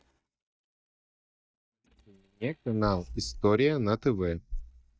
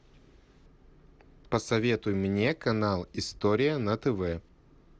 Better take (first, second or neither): second